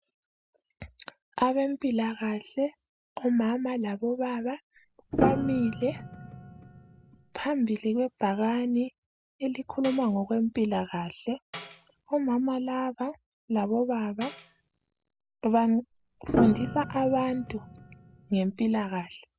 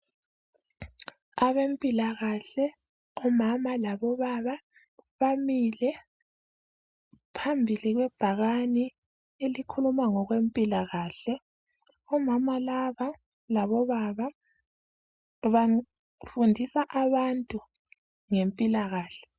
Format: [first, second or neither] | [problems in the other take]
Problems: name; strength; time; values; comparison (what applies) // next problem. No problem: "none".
second | background sound (Tambourine + Piano); 6 dB below the speech